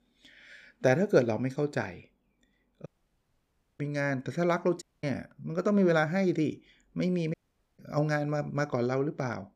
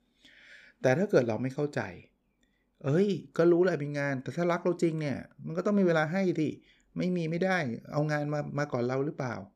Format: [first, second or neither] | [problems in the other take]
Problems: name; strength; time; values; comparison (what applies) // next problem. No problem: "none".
second | audio cutting out; at 3 s for 1 s, at 5 s and at 7.5 s